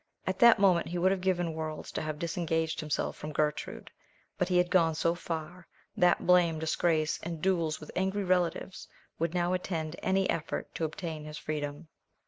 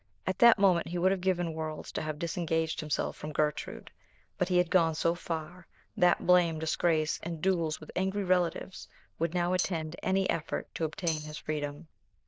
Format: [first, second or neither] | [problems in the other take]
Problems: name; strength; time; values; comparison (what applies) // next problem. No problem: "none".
first | noise reduction (neural diffusion model UNIVERSE++)